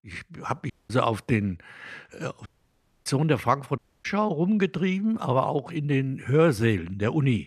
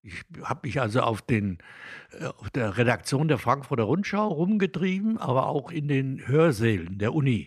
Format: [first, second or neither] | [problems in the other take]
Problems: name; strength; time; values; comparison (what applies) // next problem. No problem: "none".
second | audio cutting out; at 0.5 s, at 2.5 s for 0.5 s and at 4 s